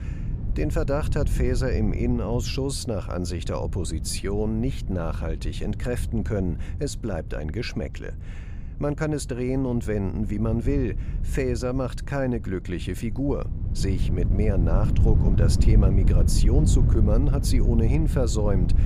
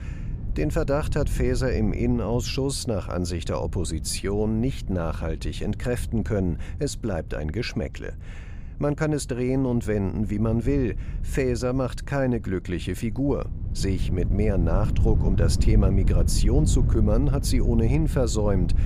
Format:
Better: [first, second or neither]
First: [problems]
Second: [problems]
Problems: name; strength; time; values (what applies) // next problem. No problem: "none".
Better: second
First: wind noise on the microphone; heavy; 9 dB below the speech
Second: wind noise on the microphone; occasional gusts; 15 dB below the speech